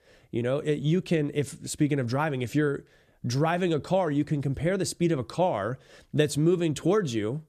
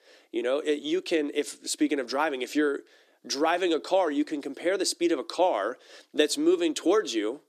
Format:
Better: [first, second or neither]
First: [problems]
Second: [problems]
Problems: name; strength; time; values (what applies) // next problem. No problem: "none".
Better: first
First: none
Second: thin; somewhat; fading below 300 Hz